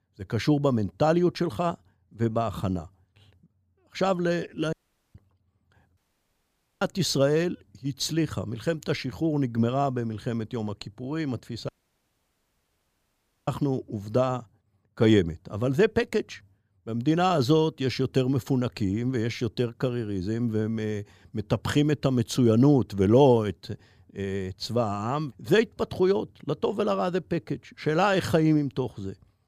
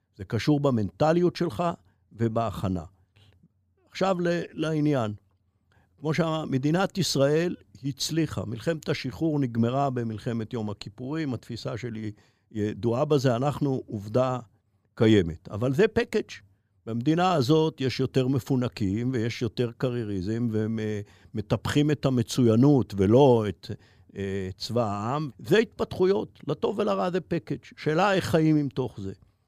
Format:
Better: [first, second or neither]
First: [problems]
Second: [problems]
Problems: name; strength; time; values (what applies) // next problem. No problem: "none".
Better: second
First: audio cutting out; at 4.5 s, at 6 s for 1 s and at 12 s for 2 s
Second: none